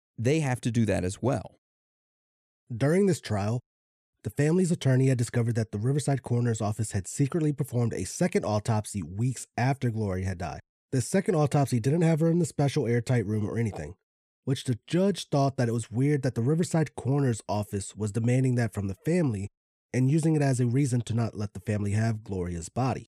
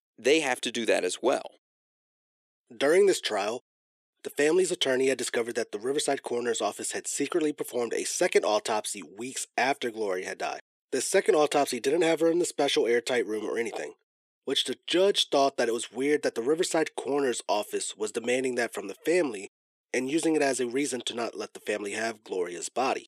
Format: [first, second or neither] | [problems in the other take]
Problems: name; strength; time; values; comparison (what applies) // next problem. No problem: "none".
first | thin; very; fading below 350 Hz